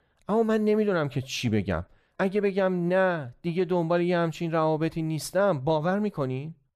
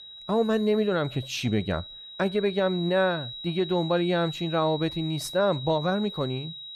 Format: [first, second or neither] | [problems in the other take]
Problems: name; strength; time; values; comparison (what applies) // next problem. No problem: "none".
first | high-pitched whine; noticeable; throughout; 4 kHz, 10 dB below the speech